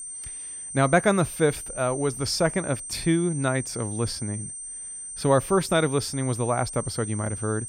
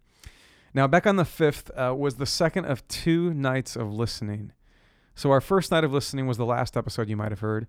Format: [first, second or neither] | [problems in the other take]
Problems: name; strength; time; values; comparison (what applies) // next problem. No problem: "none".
second | high-pitched whine; loud; throughout; 8.5 kHz, 9 dB below the speech